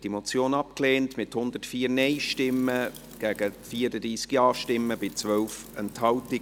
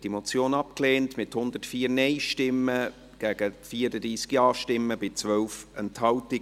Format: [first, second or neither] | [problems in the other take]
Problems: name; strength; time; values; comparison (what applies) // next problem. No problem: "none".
second | background sound (Wind); 20 dB below the speech